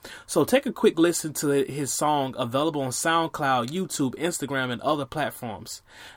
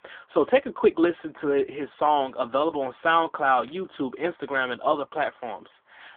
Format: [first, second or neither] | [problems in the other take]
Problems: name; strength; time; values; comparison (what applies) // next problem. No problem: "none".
first | phone-call audio; poor line